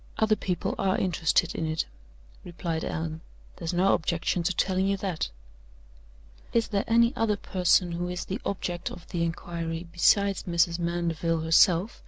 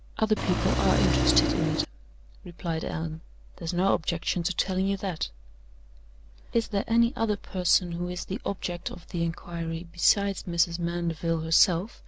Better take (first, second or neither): first